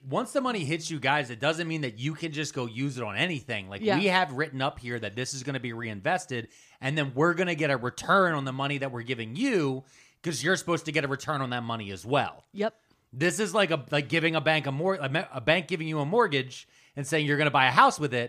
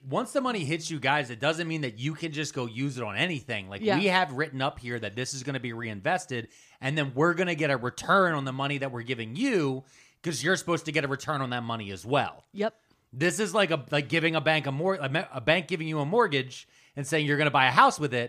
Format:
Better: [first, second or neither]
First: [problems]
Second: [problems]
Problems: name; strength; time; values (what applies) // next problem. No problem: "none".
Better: neither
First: none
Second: none